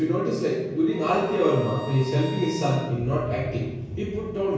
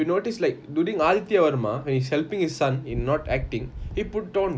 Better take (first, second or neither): second